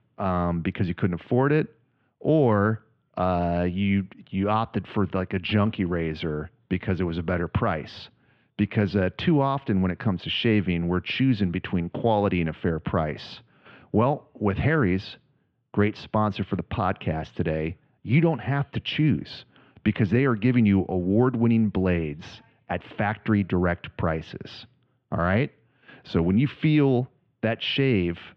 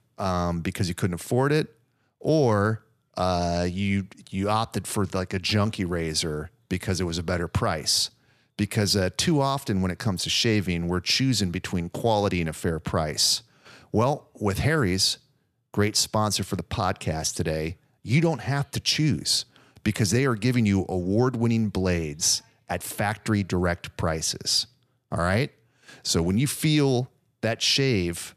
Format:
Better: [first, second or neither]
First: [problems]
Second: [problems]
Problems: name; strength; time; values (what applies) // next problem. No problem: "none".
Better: second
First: muffled; very; fading above 3 kHz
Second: none